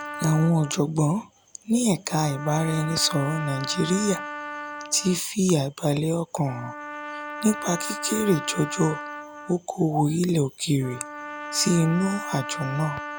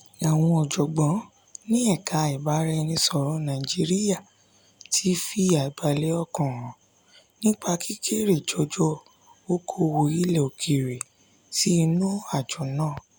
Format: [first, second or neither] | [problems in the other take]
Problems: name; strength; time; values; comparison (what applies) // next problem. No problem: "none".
second | background sound (Trumpet); 11 dB below the speech